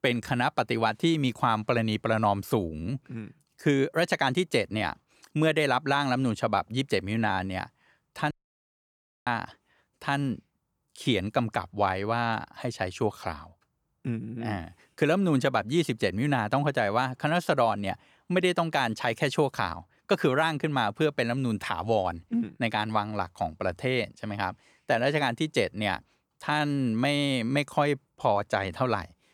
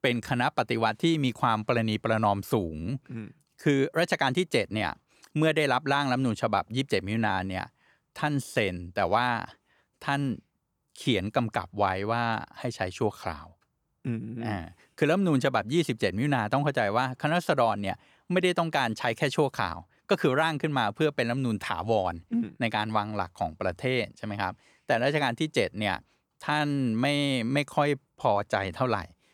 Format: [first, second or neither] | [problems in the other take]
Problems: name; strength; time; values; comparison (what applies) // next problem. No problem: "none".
second | audio cutting out; at 8.5 s for 1 s